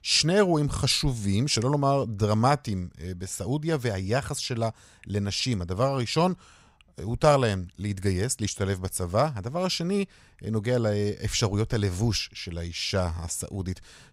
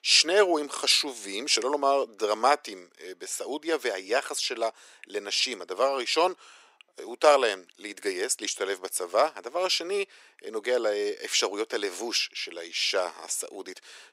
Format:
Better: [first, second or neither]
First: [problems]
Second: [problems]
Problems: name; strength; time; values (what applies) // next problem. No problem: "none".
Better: first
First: none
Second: thin; very; fading below 350 Hz